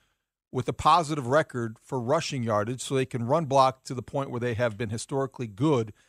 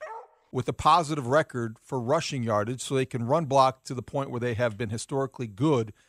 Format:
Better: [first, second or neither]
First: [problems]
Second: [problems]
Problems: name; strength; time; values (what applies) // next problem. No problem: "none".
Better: first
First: none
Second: dog barking; faint; at the start; peak 15 dB below the speech